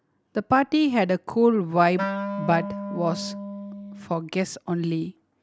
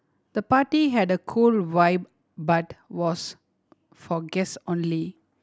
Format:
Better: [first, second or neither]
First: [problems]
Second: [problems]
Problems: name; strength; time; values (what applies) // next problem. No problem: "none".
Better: second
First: background sound (Wind instrument, woodwind instrument); 8 dB below the speech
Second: none